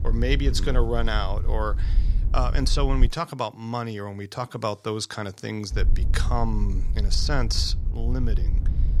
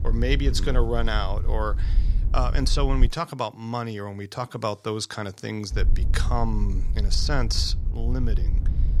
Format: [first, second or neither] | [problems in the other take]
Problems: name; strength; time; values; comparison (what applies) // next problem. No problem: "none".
neither | wind noise on the microphone; occasional gusts; until 3 s and from 5.5 s on; 15 dB below the speech; the same in both